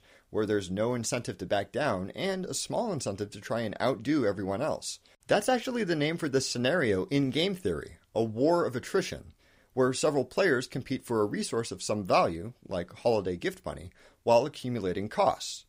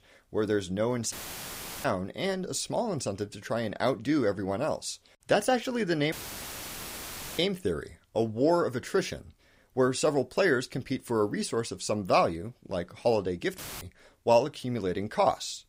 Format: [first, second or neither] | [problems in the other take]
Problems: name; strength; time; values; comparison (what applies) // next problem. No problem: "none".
first | audio cutting out; filled with static; at 1 s for 0.5 s, at 6 s for 1.5 s and at 14 s